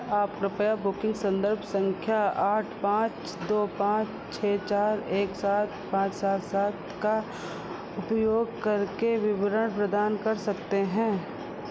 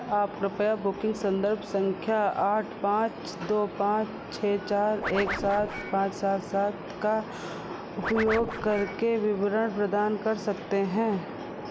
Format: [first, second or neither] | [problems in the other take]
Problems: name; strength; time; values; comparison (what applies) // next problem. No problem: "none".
first | background sound (Scratching (performance technique)); 8 dB below the speech